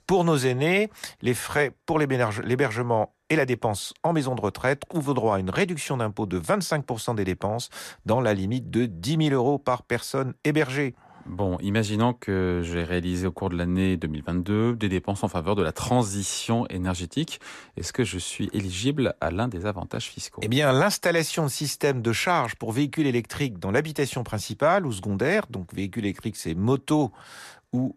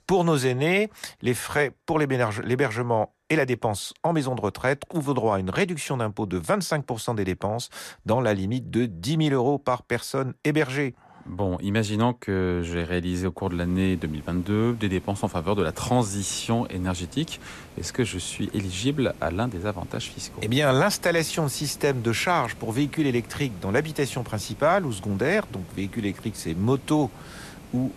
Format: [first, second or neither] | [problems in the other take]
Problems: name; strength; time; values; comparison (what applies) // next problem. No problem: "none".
first | hiss; noticeable; from 13 s on; 20 dB below the speech